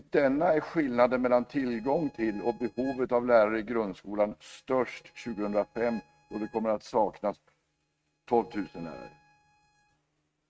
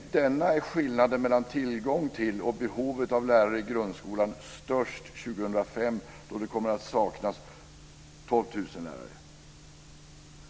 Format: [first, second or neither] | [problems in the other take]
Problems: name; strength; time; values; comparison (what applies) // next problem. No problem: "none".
second | noise reduction (neural mask model RNNoise)